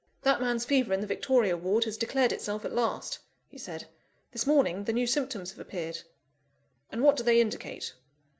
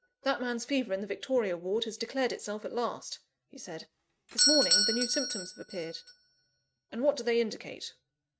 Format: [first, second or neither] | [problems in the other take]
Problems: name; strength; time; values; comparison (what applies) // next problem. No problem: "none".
first | noise reduction (neural mask model RNNoise)